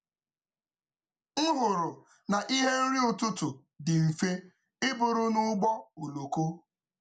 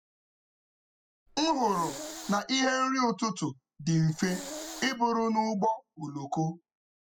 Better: first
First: none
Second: noise reduction (classical method spectral subtraction)

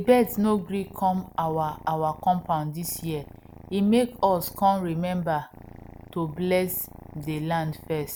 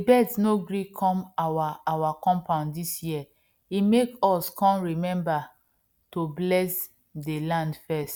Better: second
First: background sound (Purr); 19 dB below the speech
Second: none

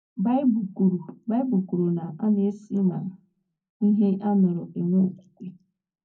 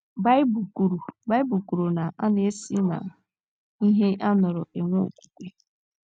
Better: second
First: room echo; dies away in 0.3 s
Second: none

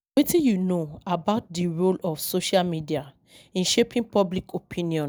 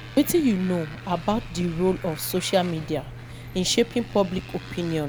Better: first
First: none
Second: background sound (Motorcycle + Engine); 13 dB below the speech

